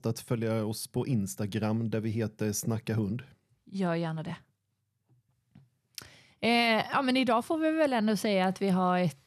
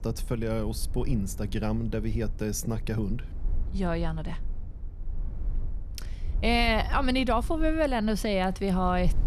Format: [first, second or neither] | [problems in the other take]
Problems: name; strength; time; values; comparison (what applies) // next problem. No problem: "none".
first | low rumble; faint; throughout; 25 dB below the speech